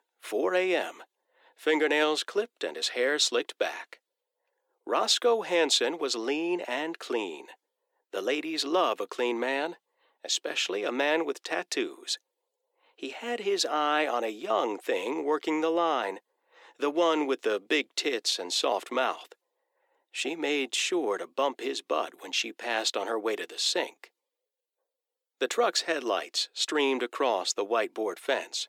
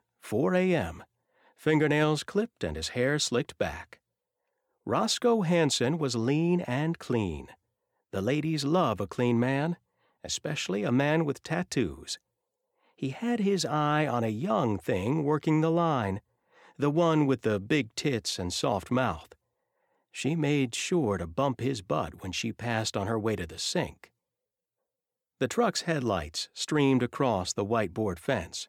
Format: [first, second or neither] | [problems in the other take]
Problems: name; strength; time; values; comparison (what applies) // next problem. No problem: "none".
second | thin; somewhat; fading below 350 Hz